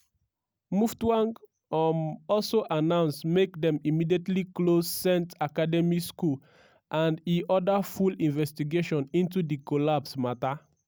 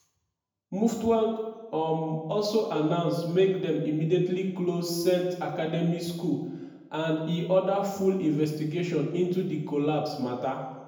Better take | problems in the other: first | room echo; dies away in 0.9 s

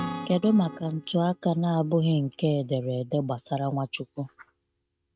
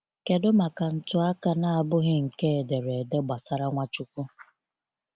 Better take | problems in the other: second | noise reduction (neural mask model RNNoise)

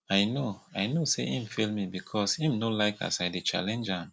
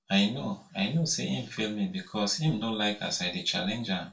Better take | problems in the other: first | room echo; dies away in 0.3 s

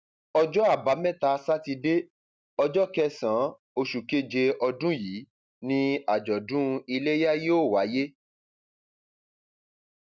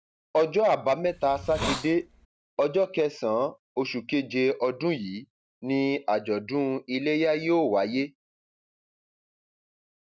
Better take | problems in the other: first | background sound (Hiss); 7 dB below the speech

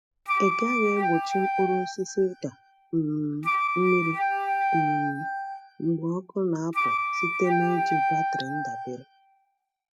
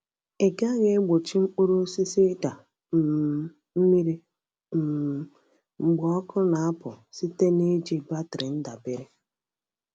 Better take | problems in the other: second | noise reduction (classical method spectral subtraction)

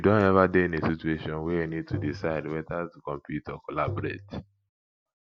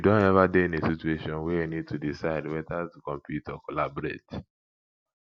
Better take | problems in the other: second | background sound (Tap); 10 dB below the speech

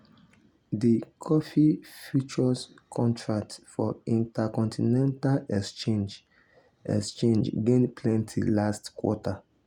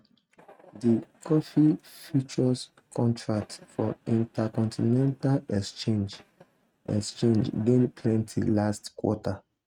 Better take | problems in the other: first | noise reduction (neural mask model RNNoise)

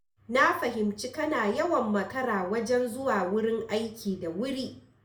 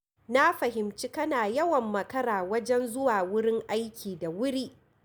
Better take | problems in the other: second | room echo; dies away in 0.4 s

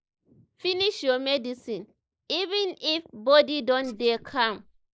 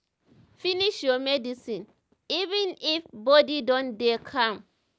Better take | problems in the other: second | noise reduction (neural mask model Resemble Enhance denoiser)

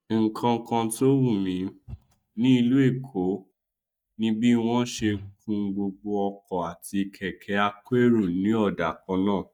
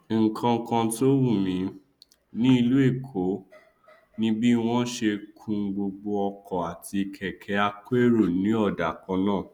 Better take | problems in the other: second | noise reduction (neural mask model DeepFilterNet 3)

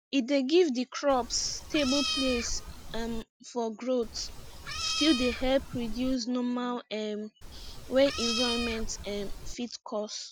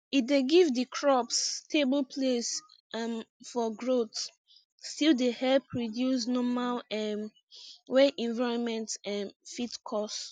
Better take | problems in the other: second | background sound (Meow); 5 dB below the speech

